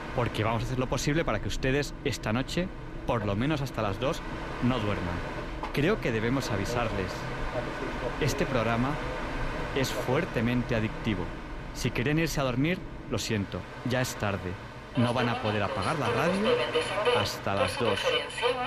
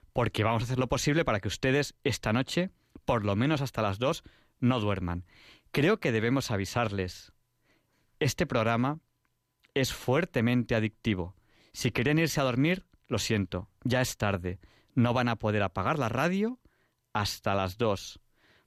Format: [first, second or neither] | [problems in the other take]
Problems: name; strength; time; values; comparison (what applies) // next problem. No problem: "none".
second | train or aircraft noise; loud; throughout; 4 dB below the speech